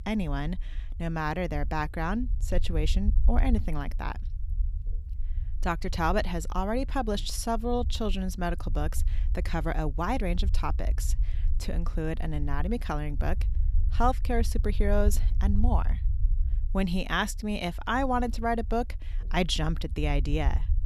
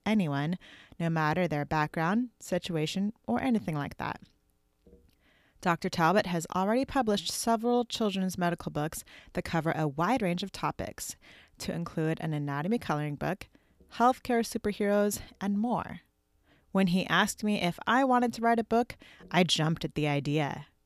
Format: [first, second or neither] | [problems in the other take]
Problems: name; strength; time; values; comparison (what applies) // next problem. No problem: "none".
second | low rumble; faint; throughout; 20 dB below the speech